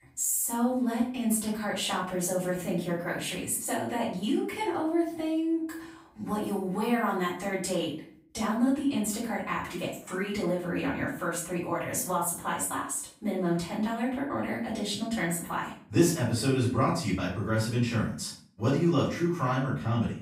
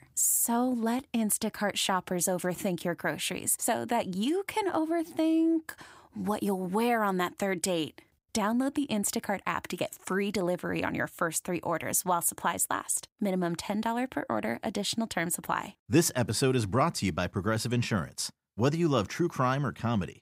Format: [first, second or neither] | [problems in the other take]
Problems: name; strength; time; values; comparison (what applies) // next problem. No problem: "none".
second | room echo; noticeable; dies away in 0.4 s // off-mic speech; far